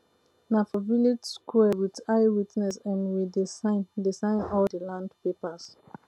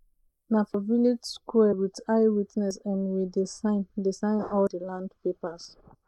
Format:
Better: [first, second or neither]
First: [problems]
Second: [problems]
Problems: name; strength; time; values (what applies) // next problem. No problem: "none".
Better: first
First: none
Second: noise reduction (neural mask model Resemble Enhance denoiser)